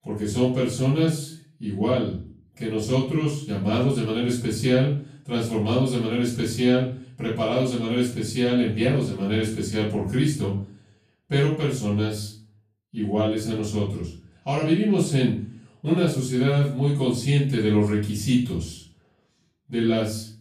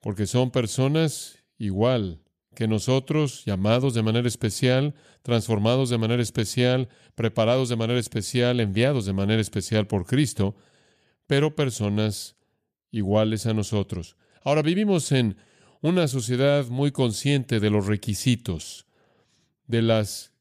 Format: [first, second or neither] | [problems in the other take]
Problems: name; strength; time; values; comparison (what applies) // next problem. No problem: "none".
second | off-mic speech; far // room echo; noticeable; dies away in 0.4 s